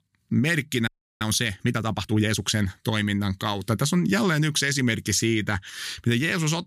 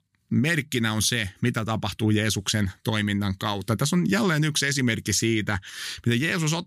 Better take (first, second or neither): second